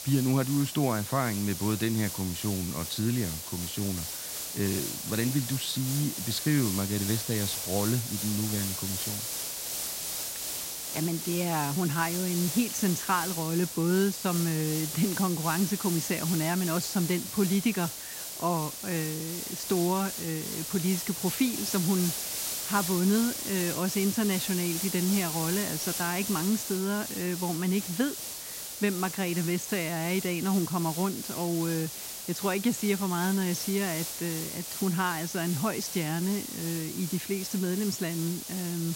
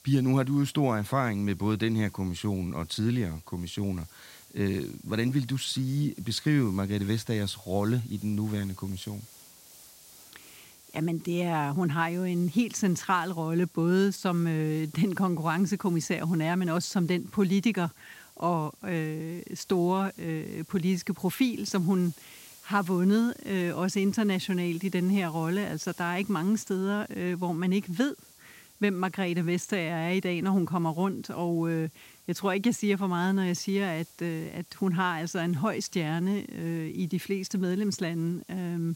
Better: second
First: hiss; loud; throughout; 3 dB below the speech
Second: hiss; faint; throughout; 25 dB below the speech

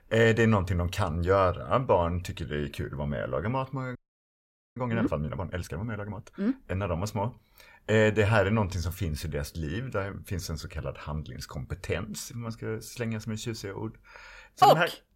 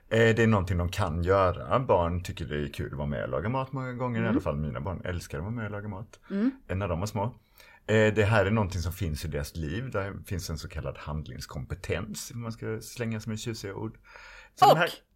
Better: second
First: audio freezing; at 4 s for 1 s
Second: none

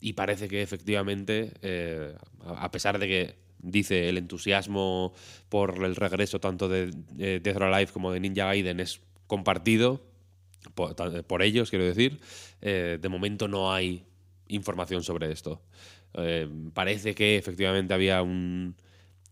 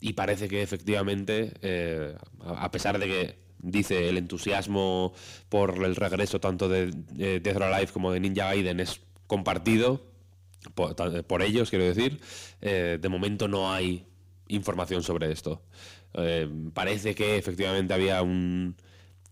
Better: first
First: none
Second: distortion; heavy; 7 dB below the speech

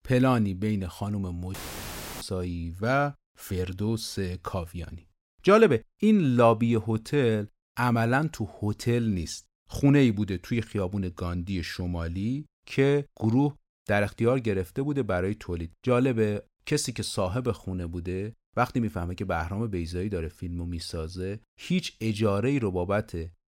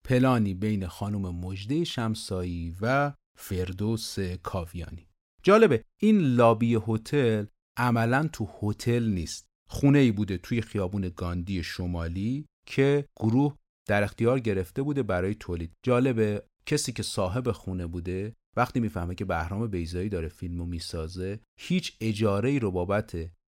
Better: second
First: audio cutting out; filled with static; at 1.5 s for 0.5 s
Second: none

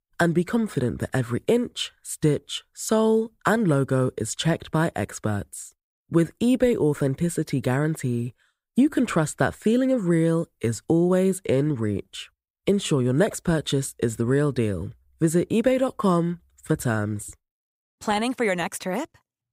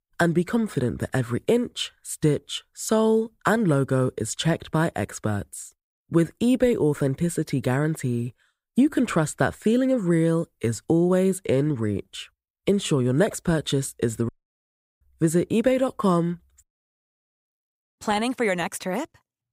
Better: first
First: none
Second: audio cutting out; at 14 s for 0.5 s and at 17 s for 1 s

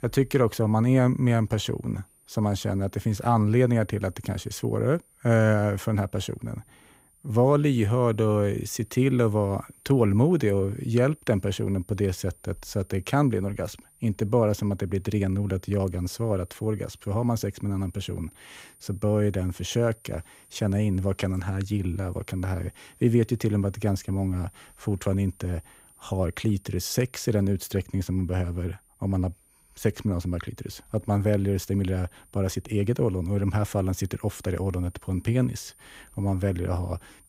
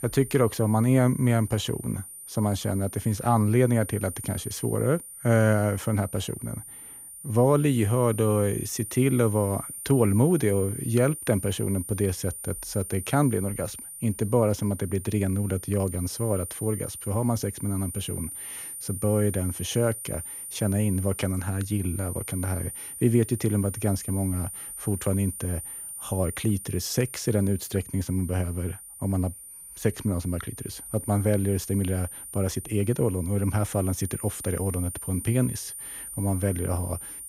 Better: first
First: high-pitched whine; faint; throughout; 9.5 kHz, 30 dB below the speech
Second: high-pitched whine; loud; throughout; 9.5 kHz, 10 dB below the speech

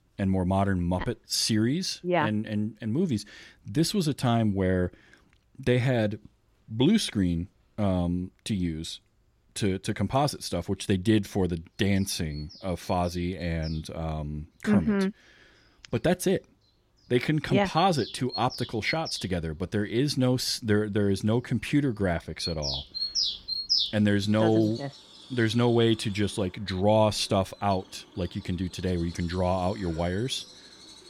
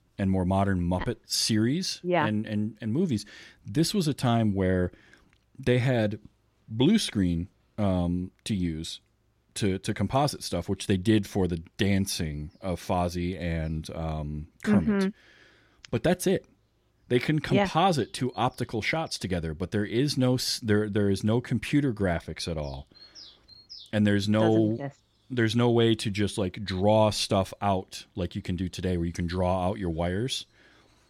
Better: second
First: animal sounds; loud; throughout; 7 dB below the speech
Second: animal sounds; faint; throughout; 30 dB below the speech

